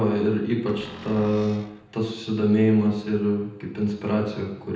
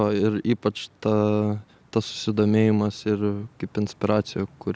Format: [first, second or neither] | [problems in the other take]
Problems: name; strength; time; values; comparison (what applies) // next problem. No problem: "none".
second | background sound (Cupboard open or close); 18 dB below the speech // room echo; dies away in 0.9 s